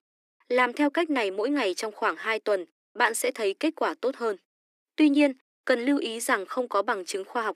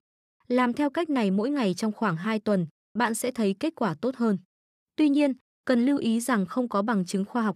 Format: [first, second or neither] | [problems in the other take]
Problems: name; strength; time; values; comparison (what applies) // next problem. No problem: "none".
second | thin; very slightly; fading below 300 Hz